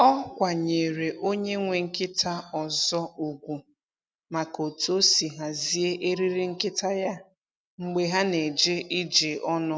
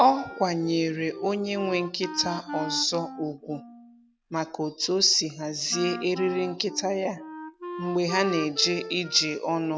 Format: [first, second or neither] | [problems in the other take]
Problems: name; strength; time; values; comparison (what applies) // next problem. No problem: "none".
first | background sound (Wind instrument, woodwind instrument); 12 dB below the speech